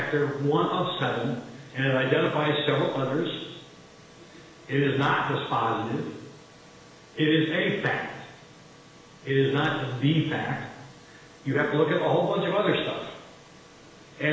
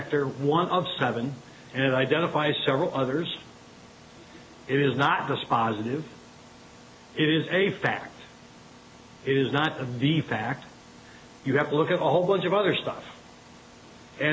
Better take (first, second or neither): second